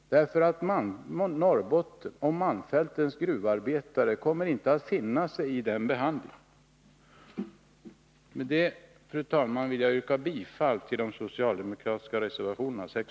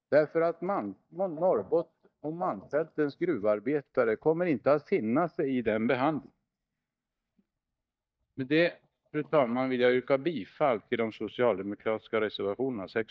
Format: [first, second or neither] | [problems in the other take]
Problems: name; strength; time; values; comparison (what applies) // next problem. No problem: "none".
first | noise reduction (neural mask model DeepFilterNet 3)